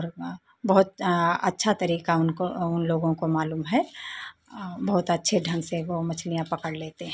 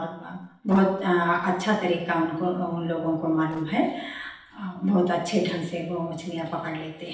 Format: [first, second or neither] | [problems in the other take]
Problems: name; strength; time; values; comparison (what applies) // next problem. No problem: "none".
first | noise reduction (neural separator model SepFormer DNS4)